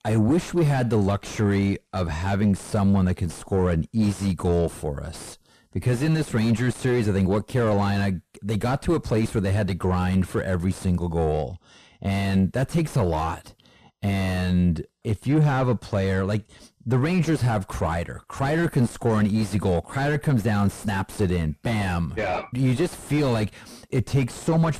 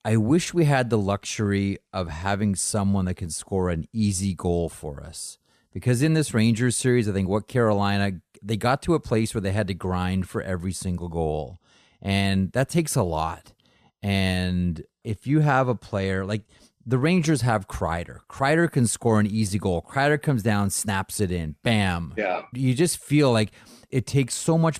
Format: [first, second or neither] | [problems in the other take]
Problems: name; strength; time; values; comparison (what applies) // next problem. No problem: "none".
second | distortion; heavy; 5 dB below the speech